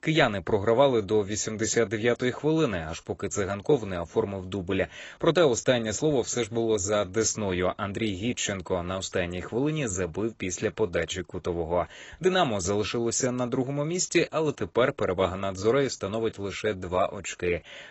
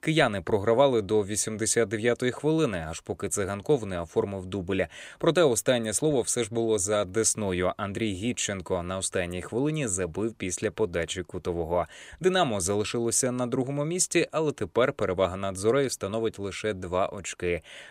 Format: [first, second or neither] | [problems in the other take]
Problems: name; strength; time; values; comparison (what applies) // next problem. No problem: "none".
second | garbled, watery; badly; nothing above 7.5 kHz